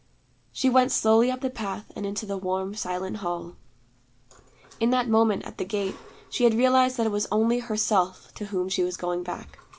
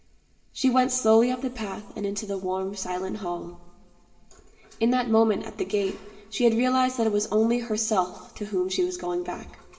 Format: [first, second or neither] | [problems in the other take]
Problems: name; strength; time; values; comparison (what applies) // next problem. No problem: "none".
first | room echo; dies away in 2.4 s